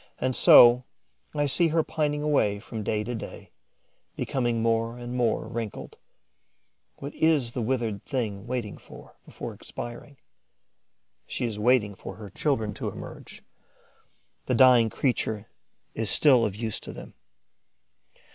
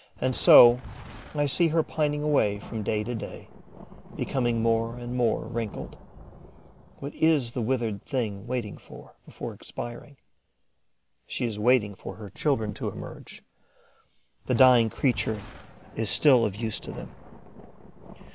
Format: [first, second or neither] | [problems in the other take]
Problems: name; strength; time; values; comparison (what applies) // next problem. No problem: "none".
first | background sound (Thunder); 18 dB below the speech